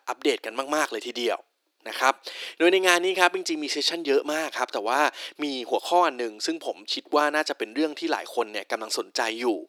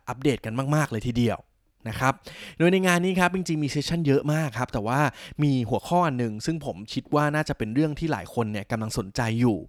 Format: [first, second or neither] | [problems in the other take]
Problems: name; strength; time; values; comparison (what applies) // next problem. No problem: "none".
second | thin; very; fading below 350 Hz